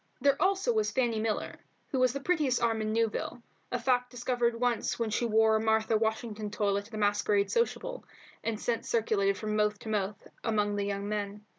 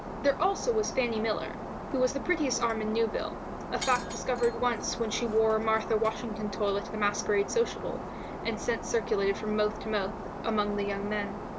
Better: first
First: none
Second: background sound (Shatter); 7 dB below the speech

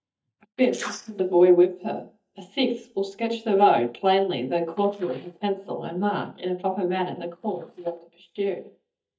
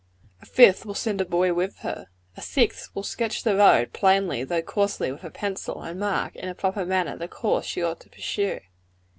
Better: second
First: noise reduction (neural mask model DeepFilterNet 3)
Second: none

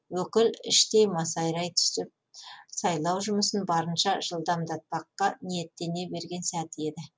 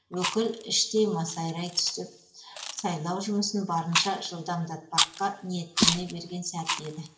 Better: first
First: none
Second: background sound (Chewing, mastication); 3 dB below the speech // room echo; dies away in 1.5 s

